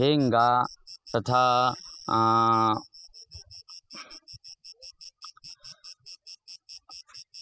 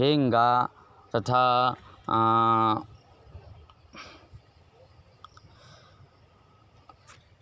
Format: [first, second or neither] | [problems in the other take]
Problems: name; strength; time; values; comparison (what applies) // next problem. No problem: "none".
second | noise reduction (classical method spectral subtraction)